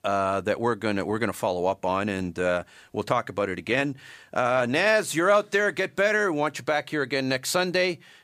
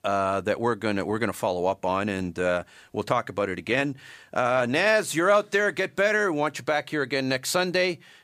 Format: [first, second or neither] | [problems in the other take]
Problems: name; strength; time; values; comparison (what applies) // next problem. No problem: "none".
neither | none